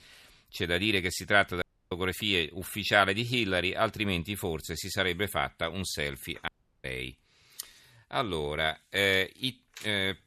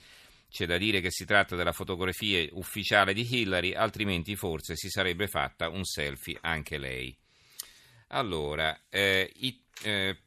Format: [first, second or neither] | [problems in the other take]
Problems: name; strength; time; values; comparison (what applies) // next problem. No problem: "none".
second | audio cutting out; at 1.5 s and at 6.5 s